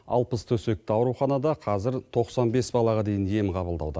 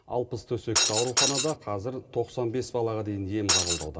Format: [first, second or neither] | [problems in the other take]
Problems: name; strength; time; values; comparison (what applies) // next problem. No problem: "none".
first | background sound (Shatter); 5 dB above the speech // room echo; dies away in 2.3 s